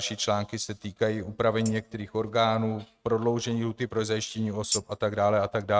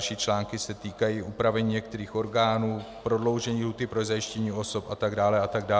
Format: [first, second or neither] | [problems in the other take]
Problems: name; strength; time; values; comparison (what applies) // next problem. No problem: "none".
second | noise reduction (neural mask model RNNoise)